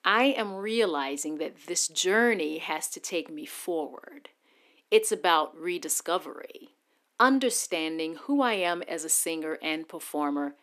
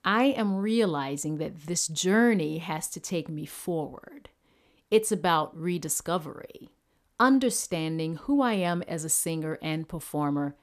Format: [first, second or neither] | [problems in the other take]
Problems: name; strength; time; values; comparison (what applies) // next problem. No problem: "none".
second | thin; very slightly; fading below 250 Hz